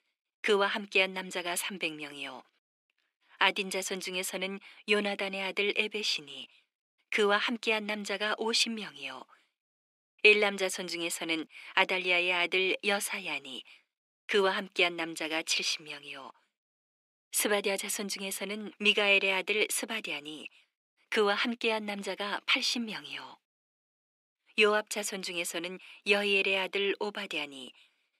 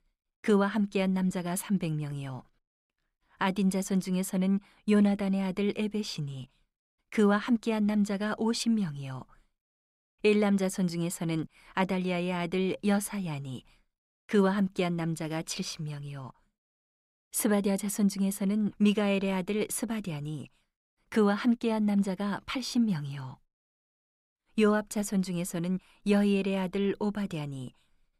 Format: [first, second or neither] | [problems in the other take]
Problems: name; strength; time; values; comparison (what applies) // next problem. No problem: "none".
second | thin; very; fading below 300 Hz